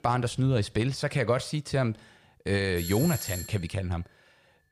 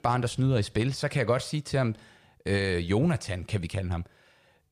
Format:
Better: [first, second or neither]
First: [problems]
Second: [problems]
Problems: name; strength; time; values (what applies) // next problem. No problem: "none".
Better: second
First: doorbell; noticeable; at 3 s; peak 5 dB below the speech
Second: none